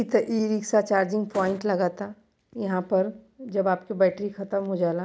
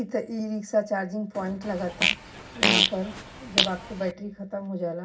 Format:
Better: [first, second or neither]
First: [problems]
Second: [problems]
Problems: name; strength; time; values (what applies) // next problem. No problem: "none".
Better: first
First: none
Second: background sound (Fart); 4 dB above the speech // room echo; dies away in 0.4 s